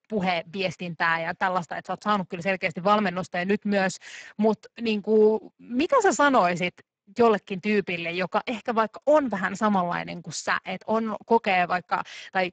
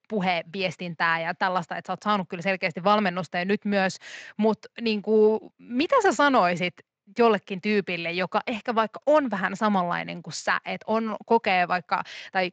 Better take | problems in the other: second | garbled, watery; badly; nothing above 7.5 kHz; slightly in the second

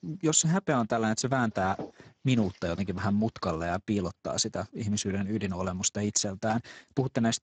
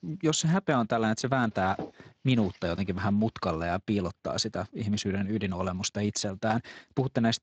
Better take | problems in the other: second | garbled, watery; badly; nothing above 7.5 kHz; slightly in the second

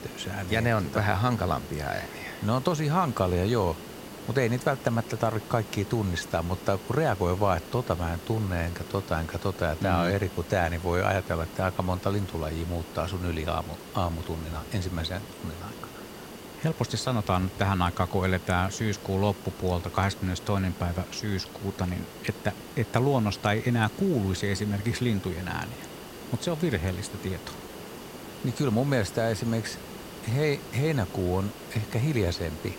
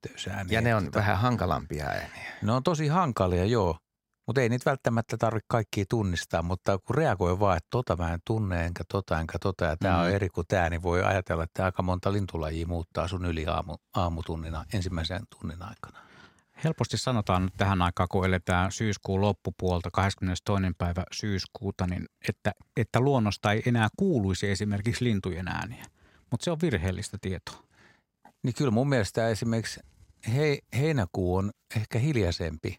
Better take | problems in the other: second | hiss; noticeable; throughout; 15 dB below the speech

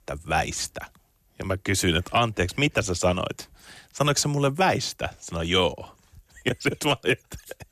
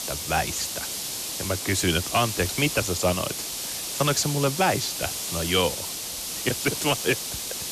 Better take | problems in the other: first | hiss; loud; throughout; 3 dB below the speech

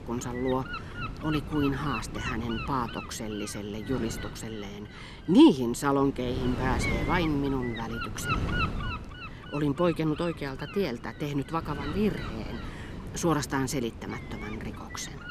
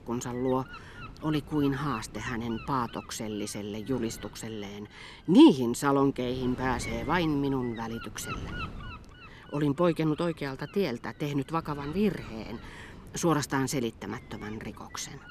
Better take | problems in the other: second | wind noise on the microphone; heavy; 6 dB below the speech; occasional gusts in the second

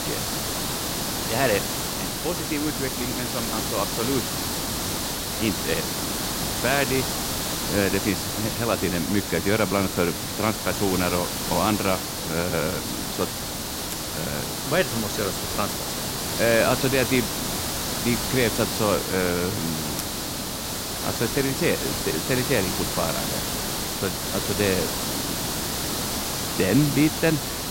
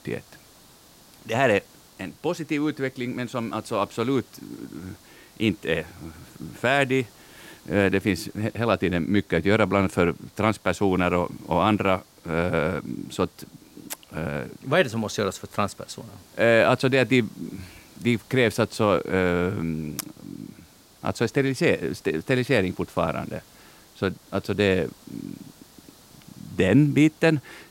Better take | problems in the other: second | hiss; loud; throughout; 1 dB below the speech; faint in the second

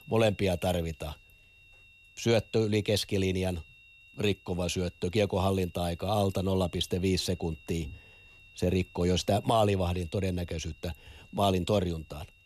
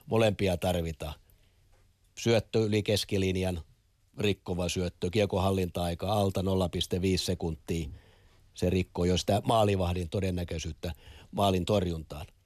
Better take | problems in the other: second | high-pitched whine; faint; throughout; 2.5 kHz, 25 dB below the speech

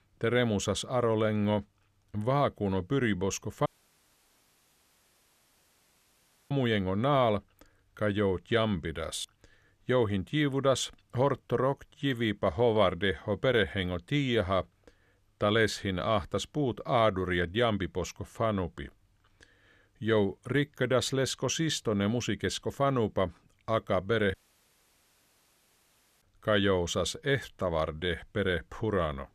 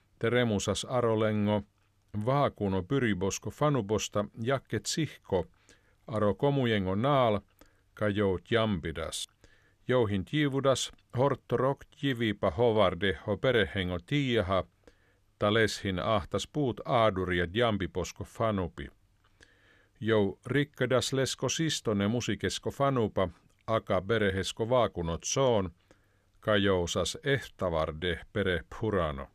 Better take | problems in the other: second | audio cutting out; at 3.5 s for 3 s and at 24 s for 2 s

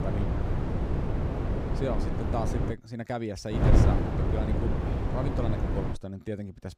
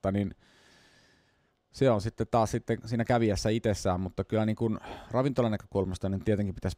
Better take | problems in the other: second | wind noise on the microphone; heavy; until 2.5 s and from 3.5 to 6 s; 1 dB above the speech

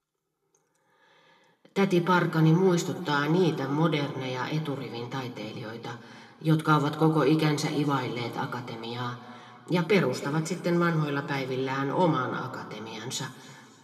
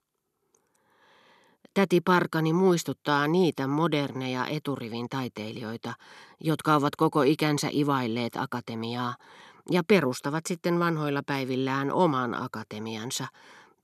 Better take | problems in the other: second | room echo; slight; dies away in 2.3 s

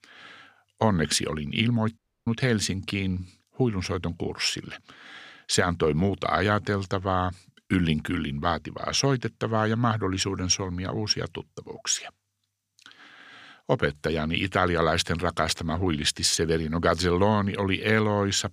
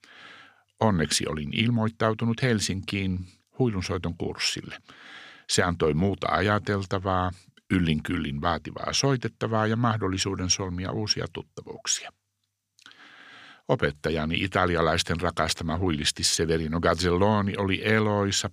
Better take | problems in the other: second | audio cutting out; at 2 s

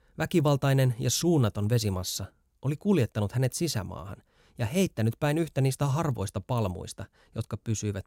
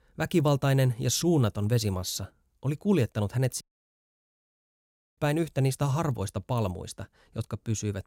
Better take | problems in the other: first | audio cutting out; at 3.5 s for 1.5 s

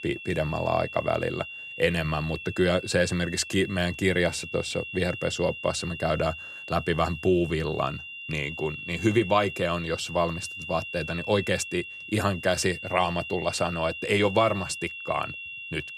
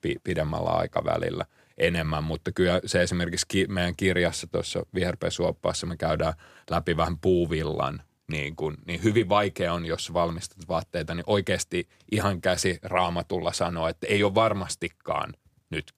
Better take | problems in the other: second | high-pitched whine; loud; throughout; 3 kHz, 9 dB below the speech

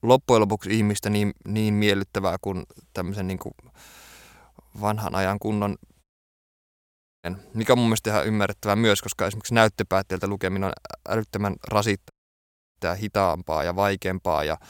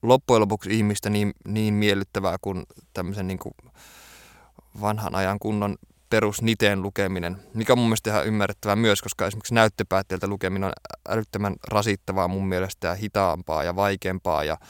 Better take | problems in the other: second | audio cutting out; at 6 s for 1 s and at 12 s for 0.5 s

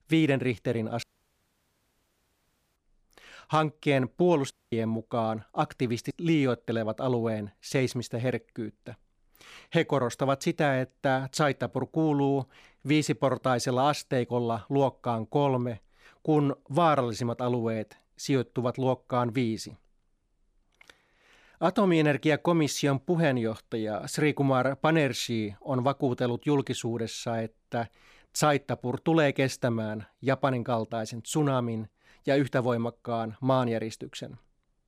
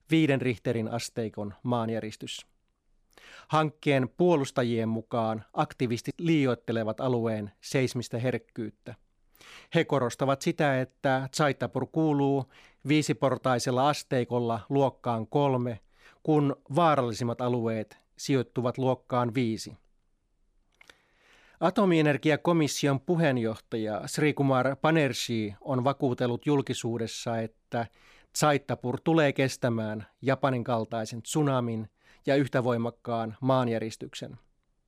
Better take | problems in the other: second | audio cutting out; at 1 s for 1.5 s and at 4.5 s

